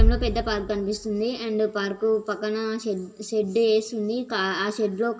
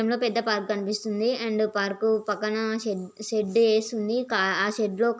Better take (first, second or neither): second